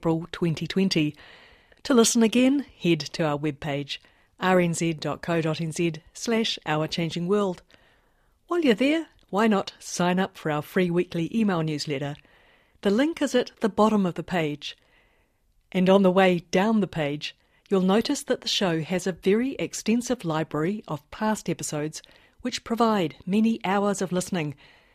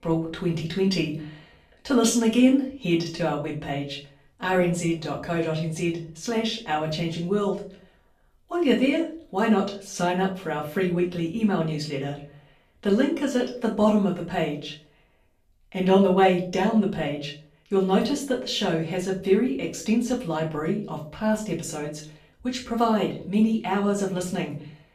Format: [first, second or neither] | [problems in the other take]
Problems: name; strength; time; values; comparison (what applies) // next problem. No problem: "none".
first | room echo; slight; dies away in 0.4 s // off-mic speech; far